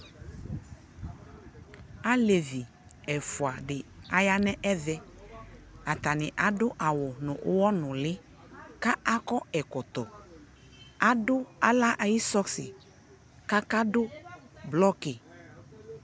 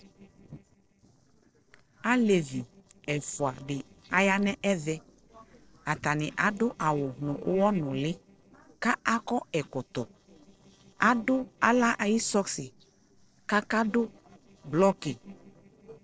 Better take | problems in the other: first | noise reduction (neural separator model SepFormer DNS4)

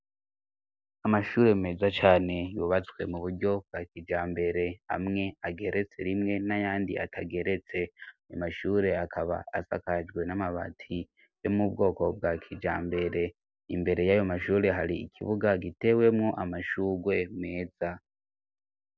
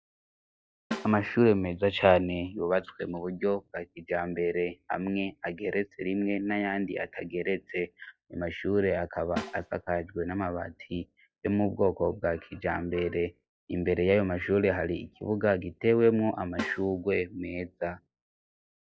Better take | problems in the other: first | noise reduction (classical method log-MMSE)

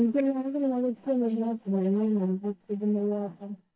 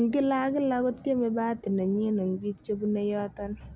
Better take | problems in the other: second | noise reduction (neural mask model DeepFilterNet 3)

